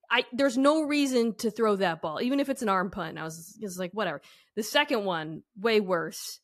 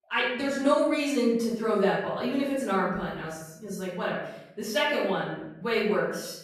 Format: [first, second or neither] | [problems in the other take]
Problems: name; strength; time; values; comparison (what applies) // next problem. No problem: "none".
first | room echo; noticeable; dies away in 0.8 s // off-mic speech; far